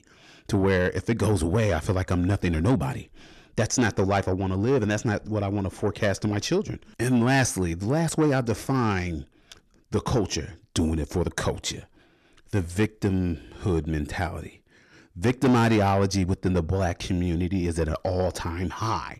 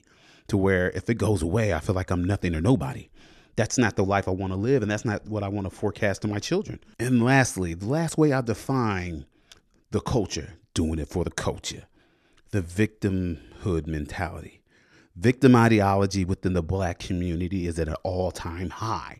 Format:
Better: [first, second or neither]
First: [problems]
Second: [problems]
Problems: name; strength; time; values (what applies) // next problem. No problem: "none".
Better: second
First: distortion; slight; 10 dB below the speech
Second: none